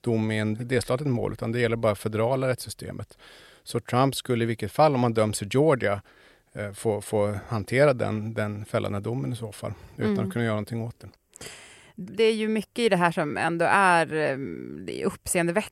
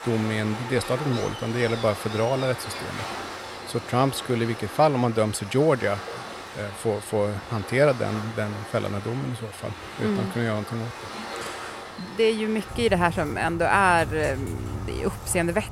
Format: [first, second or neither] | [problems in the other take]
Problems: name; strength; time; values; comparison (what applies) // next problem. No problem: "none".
first | rain or running water; noticeable; throughout; 10 dB below the speech